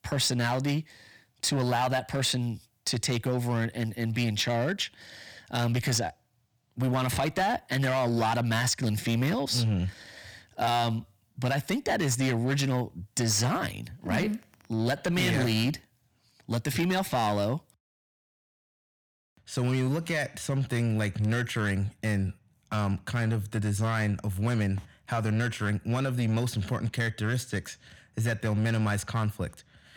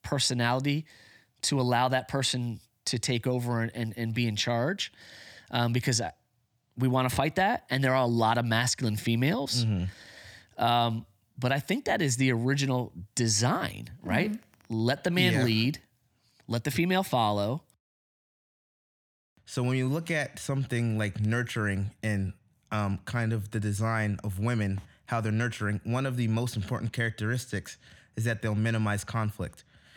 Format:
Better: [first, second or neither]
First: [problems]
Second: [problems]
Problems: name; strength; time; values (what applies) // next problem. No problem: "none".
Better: second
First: distortion; slight; 8% of the sound clipped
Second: none